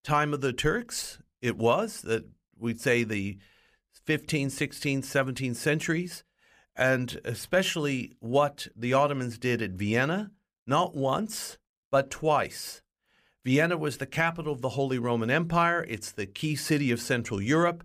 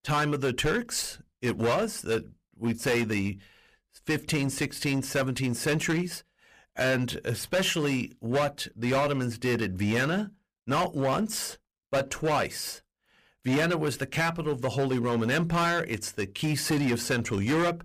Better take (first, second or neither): first